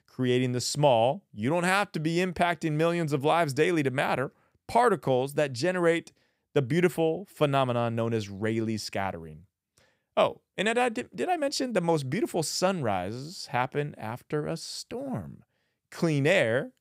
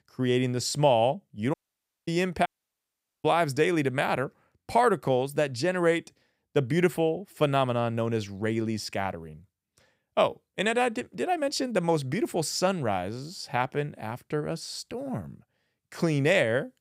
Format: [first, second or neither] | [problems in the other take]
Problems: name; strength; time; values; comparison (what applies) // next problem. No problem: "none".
first | audio cutting out; at 1.5 s for 0.5 s and at 2.5 s for 1 s